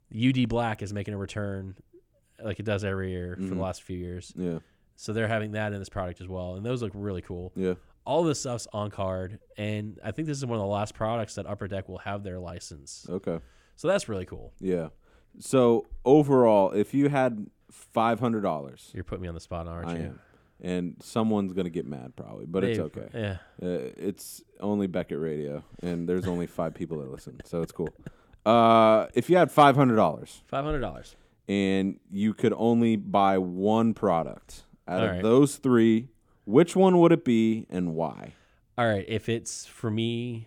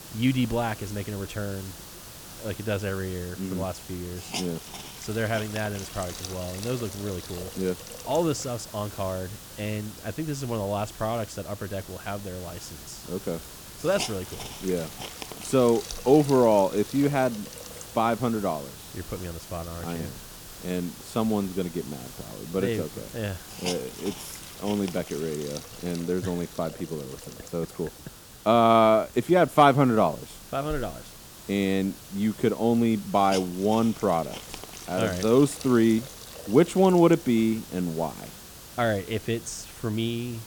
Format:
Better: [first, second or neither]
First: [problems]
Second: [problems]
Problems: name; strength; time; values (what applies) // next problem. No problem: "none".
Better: first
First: none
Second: hiss; noticeable; throughout; 15 dB below the speech